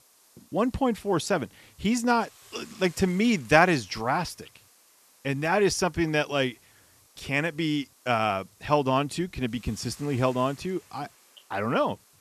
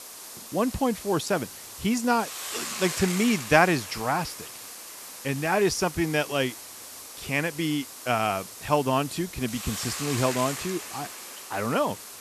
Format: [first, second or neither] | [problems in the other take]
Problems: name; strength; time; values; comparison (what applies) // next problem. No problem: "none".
first | hiss; loud; throughout; 9 dB below the speech; faint in the first